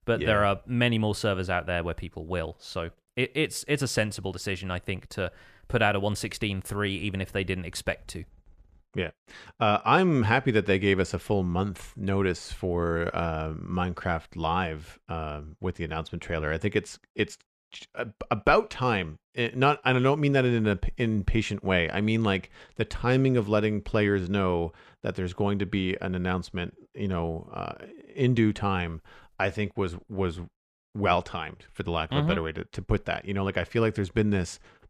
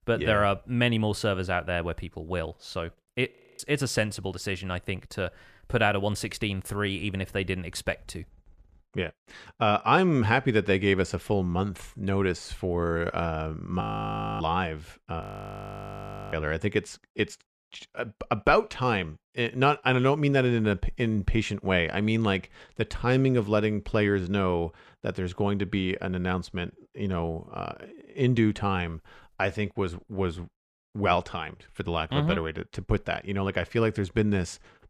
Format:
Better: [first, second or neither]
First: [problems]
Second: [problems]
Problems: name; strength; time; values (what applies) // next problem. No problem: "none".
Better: first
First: none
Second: audio freezing; at 3.5 s, at 14 s for 0.5 s and at 15 s for 1 s